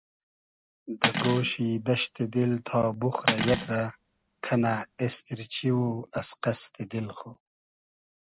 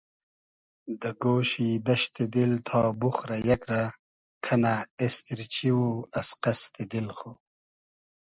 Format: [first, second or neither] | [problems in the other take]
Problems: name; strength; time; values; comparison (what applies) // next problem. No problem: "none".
second | background sound (Cutlery, silverware); 4 dB below the speech